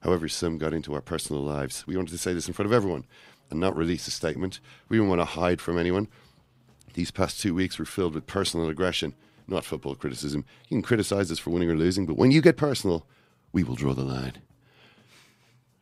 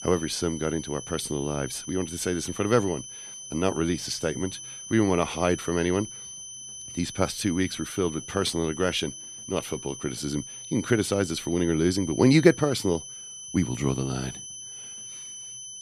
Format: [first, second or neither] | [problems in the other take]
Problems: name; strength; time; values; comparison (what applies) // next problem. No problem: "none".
first | high-pitched whine; noticeable; throughout; 6 kHz, 10 dB below the speech